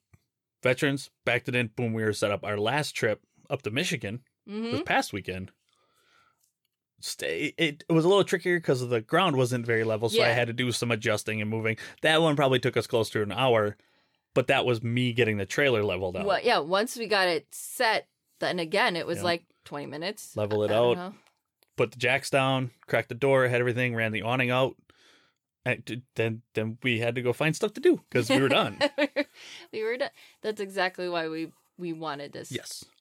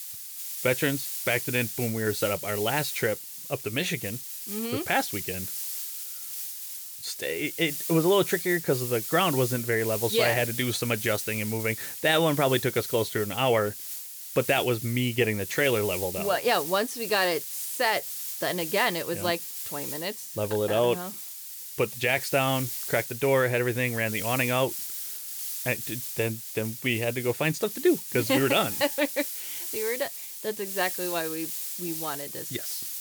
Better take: first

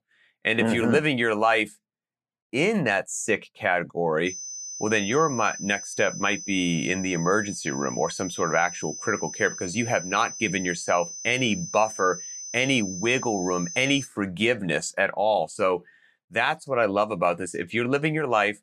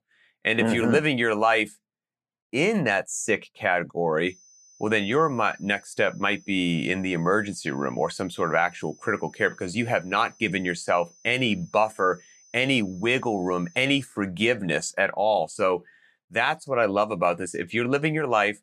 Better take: second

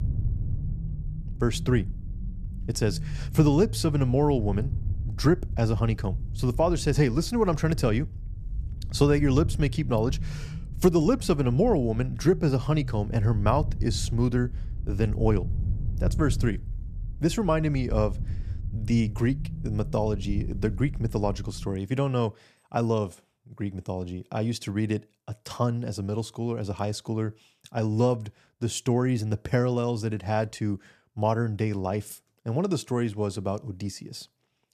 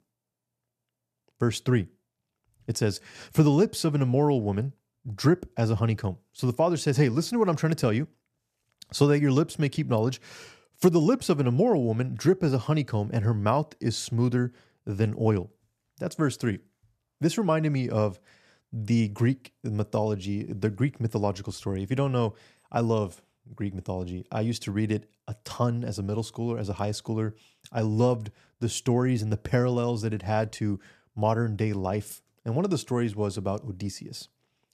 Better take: second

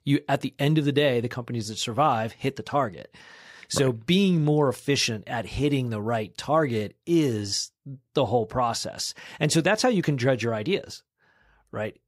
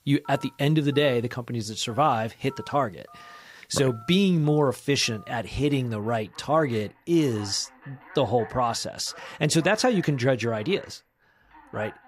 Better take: first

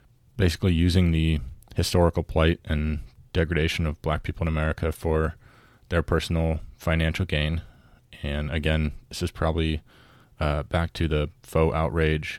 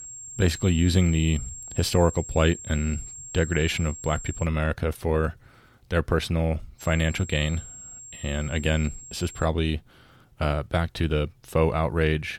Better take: first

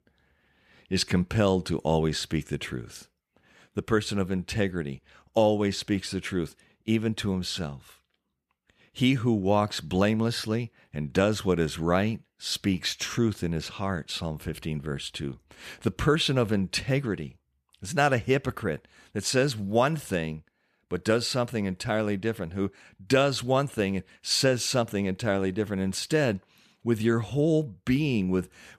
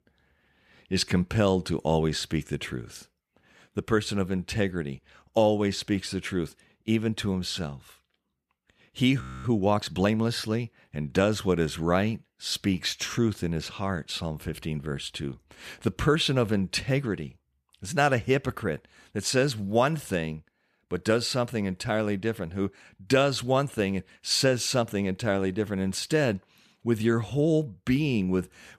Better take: first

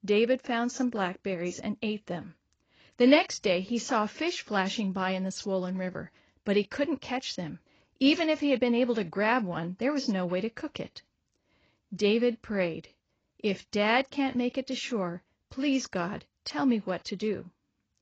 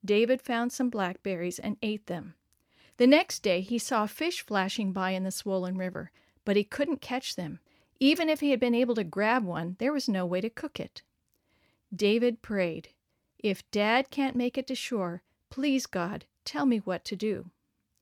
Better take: second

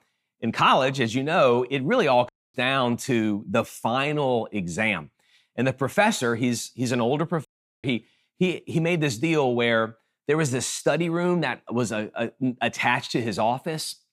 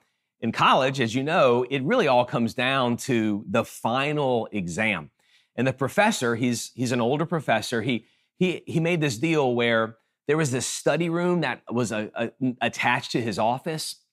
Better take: second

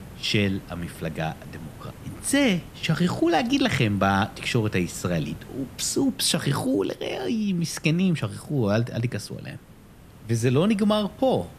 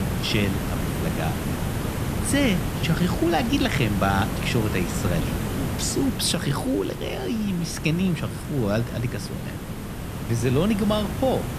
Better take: first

